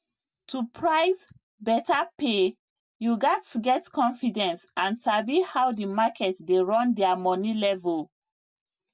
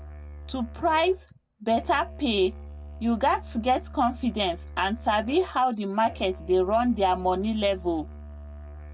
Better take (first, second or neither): first